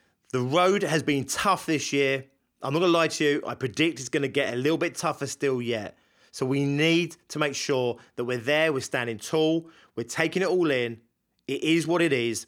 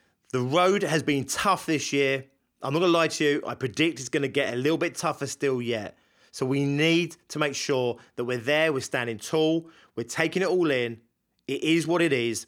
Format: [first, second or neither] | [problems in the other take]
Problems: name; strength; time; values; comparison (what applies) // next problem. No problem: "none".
neither | none